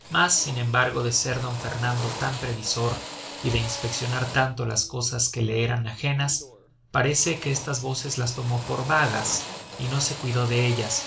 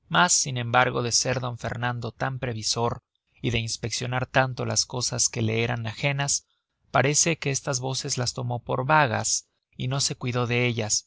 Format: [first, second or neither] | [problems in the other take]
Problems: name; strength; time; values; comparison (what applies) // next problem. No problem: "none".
second | background sound (Drill); 12 dB below the speech // room echo; dies away in 0.3 s